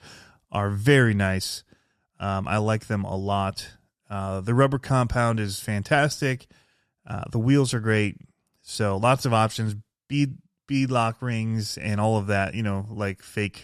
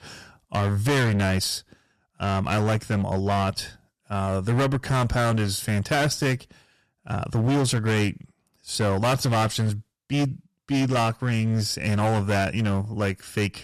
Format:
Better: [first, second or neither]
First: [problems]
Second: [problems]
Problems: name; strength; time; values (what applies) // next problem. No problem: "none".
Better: first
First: none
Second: distortion; heavy; 15% of the sound clipped